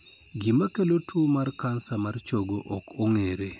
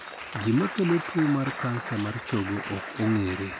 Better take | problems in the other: first | background sound (Applause); 9 dB below the speech

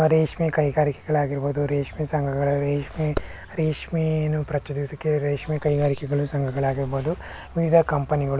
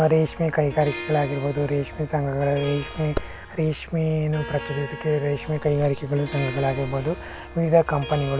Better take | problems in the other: first | background sound (Harp); 15 dB below the speech

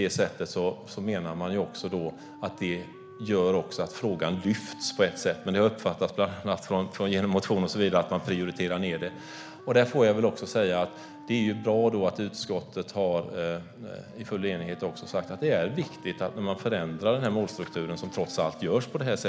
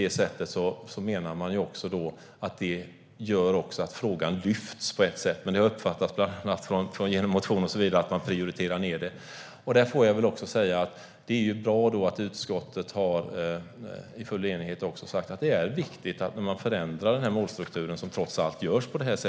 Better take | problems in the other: second | background sound (Wind instrument, woodwind instrument); 19 dB below the speech

